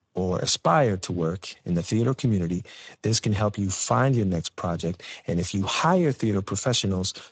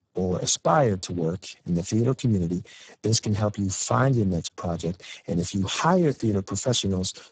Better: first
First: garbled, watery; slightly; nothing above 7.5 kHz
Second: garbled, watery; badly; nothing above 7.5 kHz

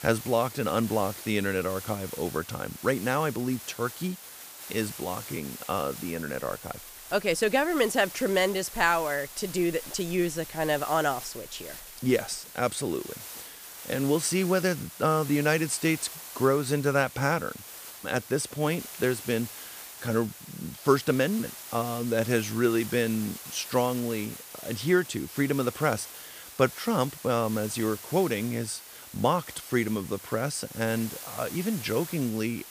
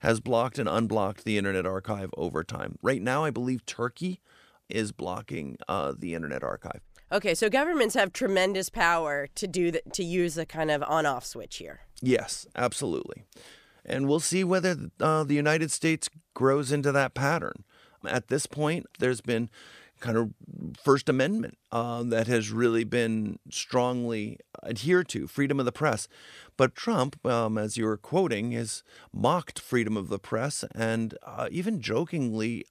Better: second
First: hiss; noticeable; throughout; 10 dB below the speech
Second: none

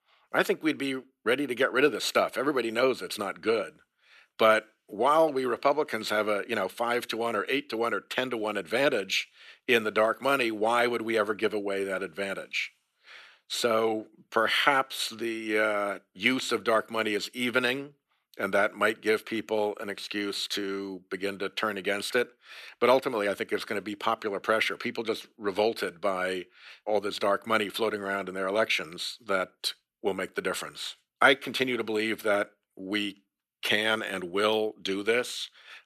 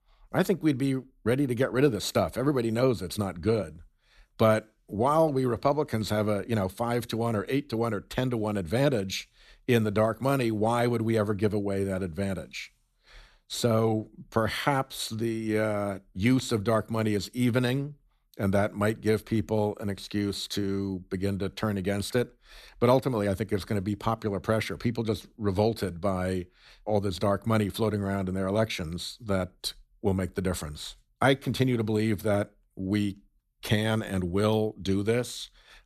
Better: second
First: thin; somewhat; fading below 400 Hz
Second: none

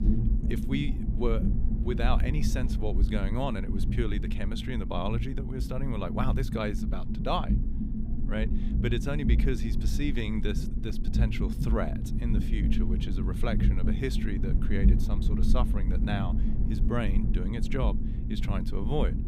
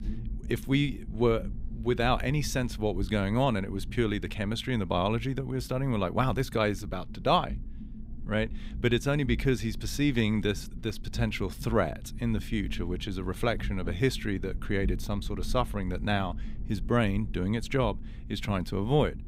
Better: second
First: low rumble; loud; throughout; 5 dB below the speech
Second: low rumble; faint; throughout; 20 dB below the speech

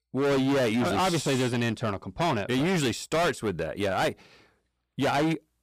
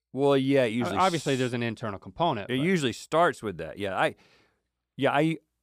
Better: second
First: distortion; heavy; 22% of the sound clipped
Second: none

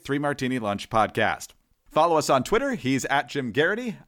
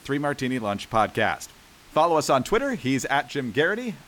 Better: first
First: none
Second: hiss; faint; throughout; 25 dB below the speech

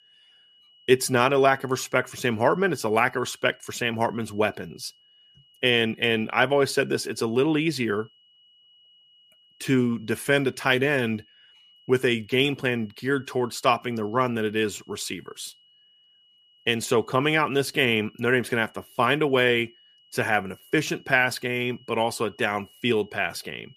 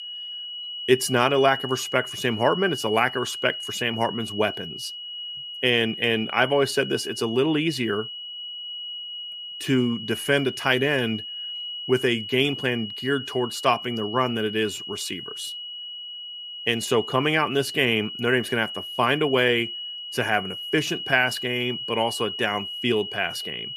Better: first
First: high-pitched whine; faint; throughout; 3 kHz, 30 dB below the speech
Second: high-pitched whine; loud; throughout; 3 kHz, 8 dB below the speech

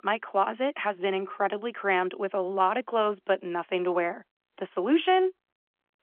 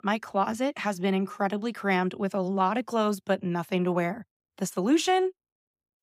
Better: second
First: phone-call audio; nothing above 3.5 kHz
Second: none

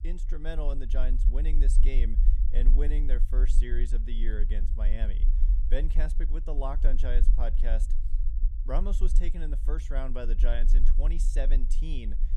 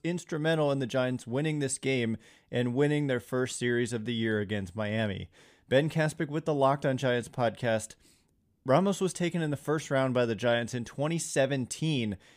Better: second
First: low rumble; noticeable; throughout; 10 dB below the speech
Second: none

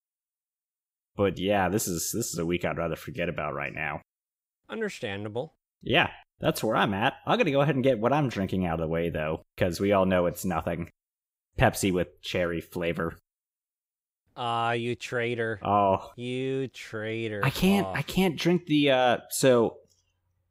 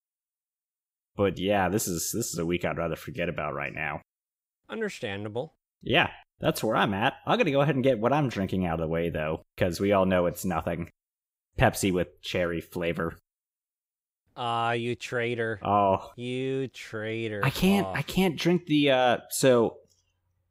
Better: neither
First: none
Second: none

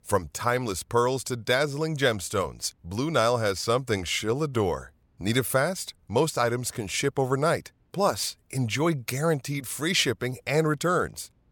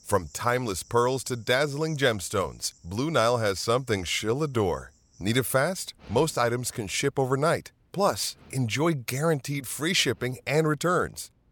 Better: first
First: none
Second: animal sounds; faint; throughout; 30 dB below the speech

